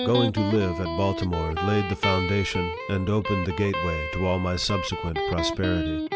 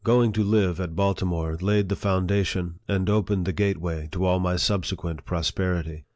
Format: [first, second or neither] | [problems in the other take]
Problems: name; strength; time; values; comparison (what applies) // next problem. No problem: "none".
second | background sound (Electric guitar); 4 dB below the speech